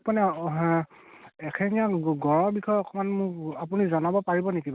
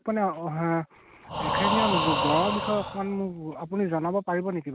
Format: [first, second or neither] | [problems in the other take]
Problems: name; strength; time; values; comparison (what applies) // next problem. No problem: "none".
first | background sound (Breathing); 1 dB below the speech